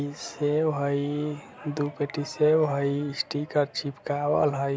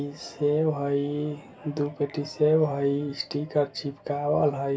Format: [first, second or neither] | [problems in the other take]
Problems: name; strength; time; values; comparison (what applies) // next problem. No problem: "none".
first | room echo; dies away in 0.2 s